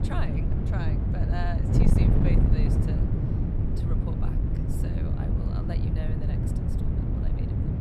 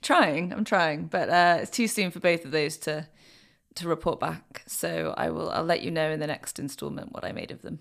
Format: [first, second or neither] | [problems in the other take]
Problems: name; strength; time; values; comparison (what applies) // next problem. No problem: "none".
second | wind noise on the microphone; heavy; 4 dB above the speech